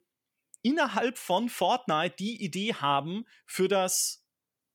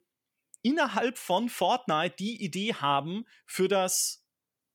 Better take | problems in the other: neither | none

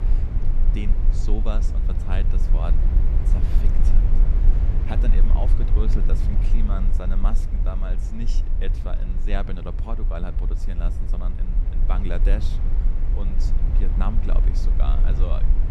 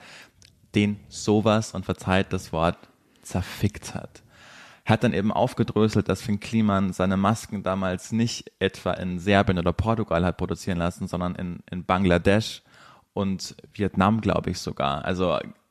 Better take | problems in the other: second | low rumble; loud; throughout; 4 dB below the speech

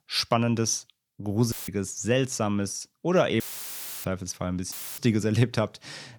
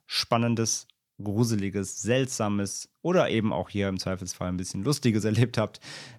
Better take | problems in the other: second | audio cutting out; filled with static; at 1.5 s, at 3.5 s for 0.5 s and at 4.5 s

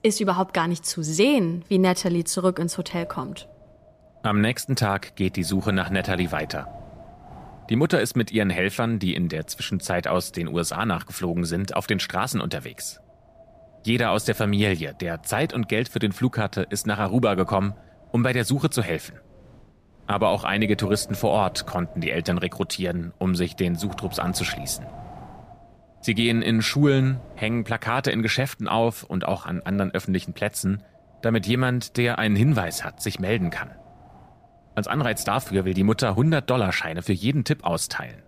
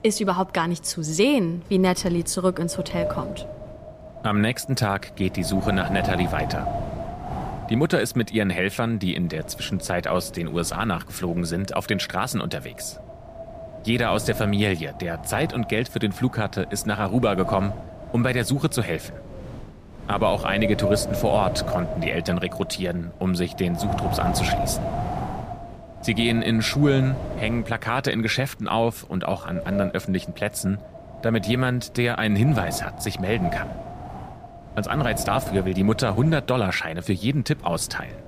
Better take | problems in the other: first | wind noise on the microphone; heavy; 7 dB below the speech; occasional gusts in the first

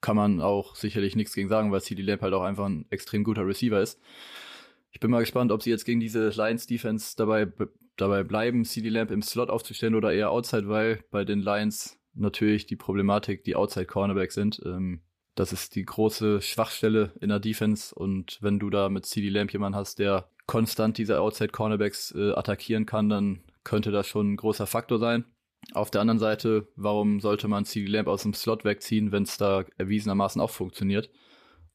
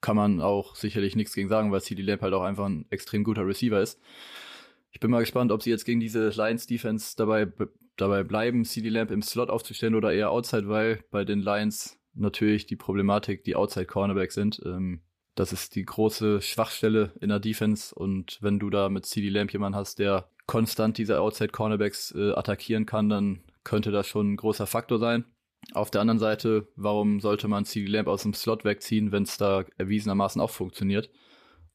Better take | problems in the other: neither | none

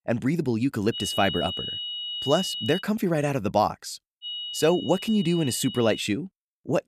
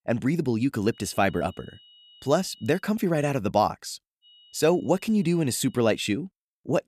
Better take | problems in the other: second | high-pitched whine; loud; from 1 to 3 s and from 4 to 6 s; 3 kHz, 7 dB below the speech; faint in the second

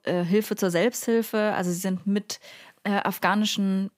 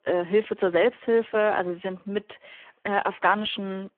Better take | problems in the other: first | phone-call audio; poor line; nothing above 3.5 kHz

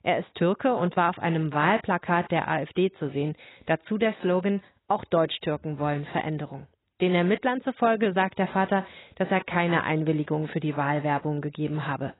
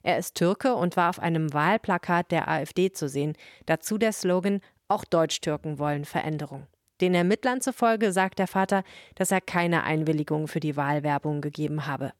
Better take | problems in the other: second | garbled, watery; badly; nothing above 4 kHz

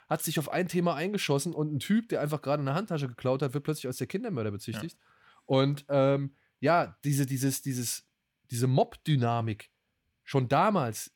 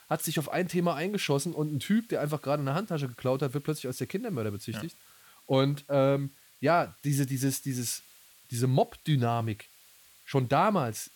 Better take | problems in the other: first | hiss; faint; throughout; 25 dB below the speech

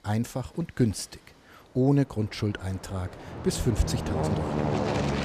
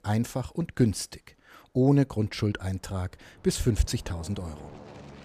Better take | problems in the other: second | train or aircraft noise; loud; throughout; 1 dB below the speech; faint in the second

